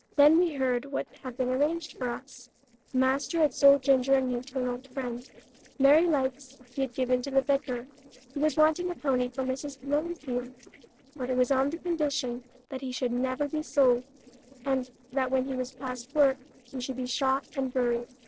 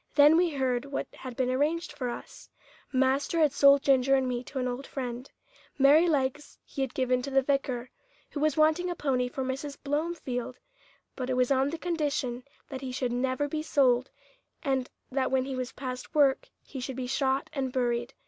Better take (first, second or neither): second